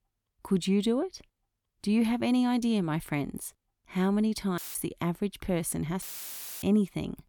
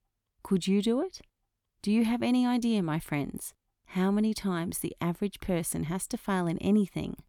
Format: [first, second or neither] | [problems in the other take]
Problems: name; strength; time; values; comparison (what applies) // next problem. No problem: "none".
second | audio cutting out; filled with static; at 4.5 s and at 6 s for 0.5 s